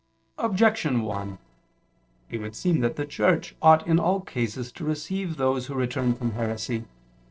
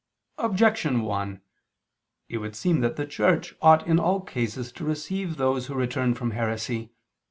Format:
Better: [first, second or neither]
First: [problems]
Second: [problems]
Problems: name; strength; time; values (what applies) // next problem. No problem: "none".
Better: second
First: noise reduction (neural separator model SepFormer DNS4)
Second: none